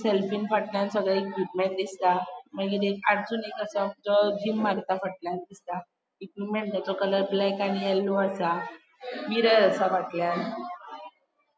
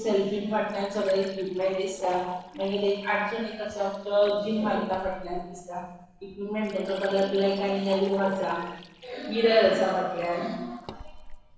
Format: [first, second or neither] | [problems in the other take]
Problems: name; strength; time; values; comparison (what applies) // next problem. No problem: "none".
first | noise reduction (neural separator model SepFormer DNS4)